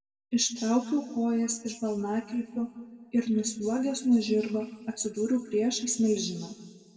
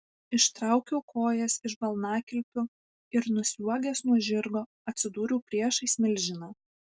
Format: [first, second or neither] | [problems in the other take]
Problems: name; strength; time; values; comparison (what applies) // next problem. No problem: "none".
second | room echo; dies away in 1.4 s